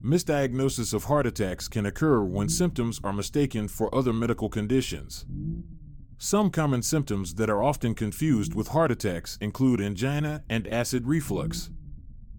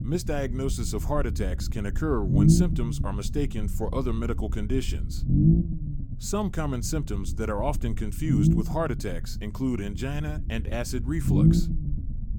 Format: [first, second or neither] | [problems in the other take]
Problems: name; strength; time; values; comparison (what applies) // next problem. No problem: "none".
first | low rumble; loud; throughout; 1 dB below the speech; faint in the first